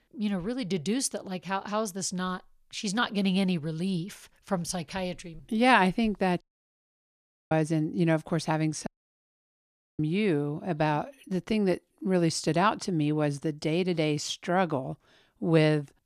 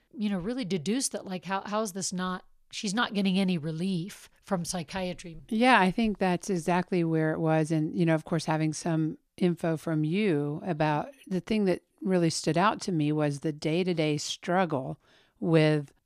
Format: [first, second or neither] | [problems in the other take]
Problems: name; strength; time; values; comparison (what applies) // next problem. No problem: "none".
second | audio cutting out; at 6.5 s for 1 s and at 9 s for 1 s